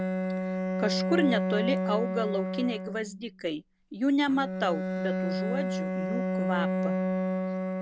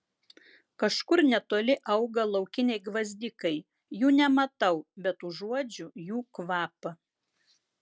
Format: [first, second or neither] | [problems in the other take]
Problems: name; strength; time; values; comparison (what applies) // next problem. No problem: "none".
second | background sound (Bowed string instrument); 1 dB above the speech